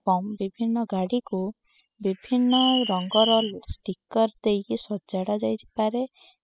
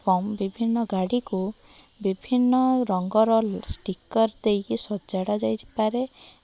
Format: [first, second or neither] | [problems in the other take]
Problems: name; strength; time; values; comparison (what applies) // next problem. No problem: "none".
second | noise reduction (classical method spectral subtraction)